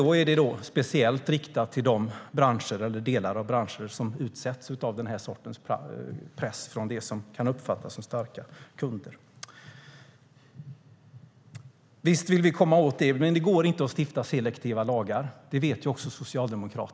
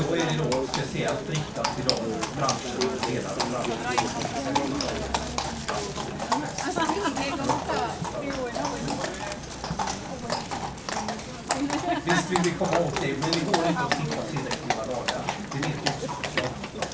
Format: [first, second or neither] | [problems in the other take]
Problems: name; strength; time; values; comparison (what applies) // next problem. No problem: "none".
first | background sound (Livestock, farm animals, working animals); 3 dB above the speech // room echo; dies away in 0.3 s